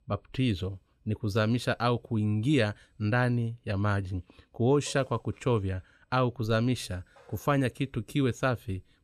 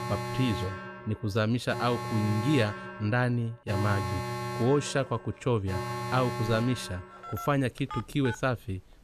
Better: first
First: none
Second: alarms or sirens; loud; throughout; 7 dB below the speech

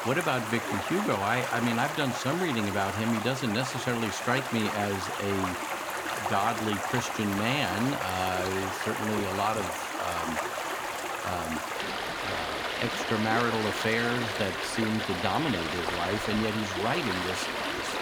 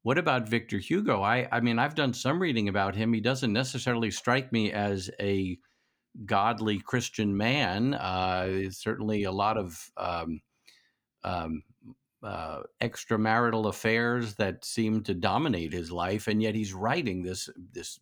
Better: second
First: rain or running water; loud; throughout; 1 dB below the speech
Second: none

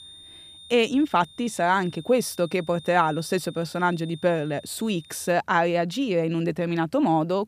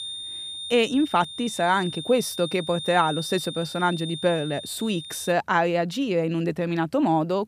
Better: first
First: high-pitched whine; faint; until 5.5 s; 3.5 kHz, 20 dB below the speech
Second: high-pitched whine; loud; until 5.5 s; 3.5 kHz, 9 dB below the speech

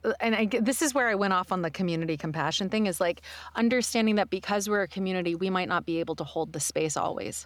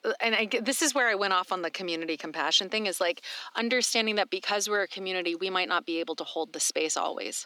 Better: first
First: none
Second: thin; somewhat; fading below 250 Hz

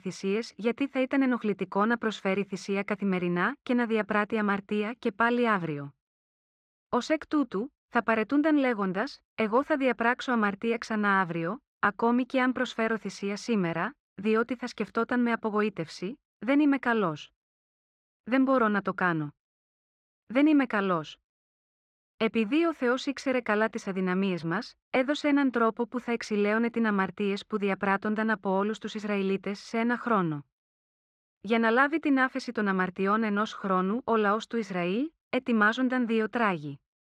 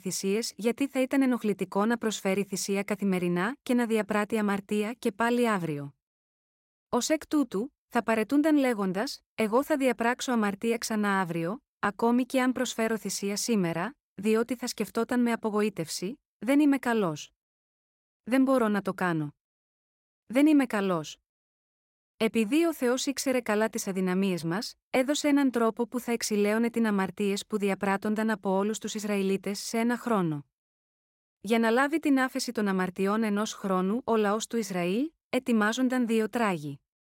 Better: second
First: muffled; slightly; fading above 3 kHz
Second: none

